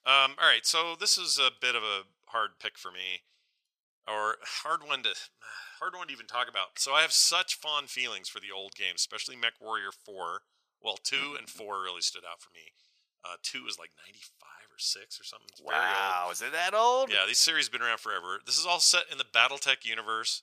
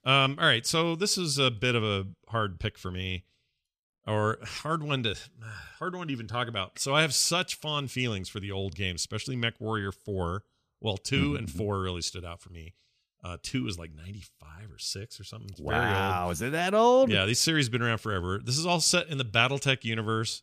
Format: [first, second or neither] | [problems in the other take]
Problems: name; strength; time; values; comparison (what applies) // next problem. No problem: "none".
second | thin; very; fading below 850 Hz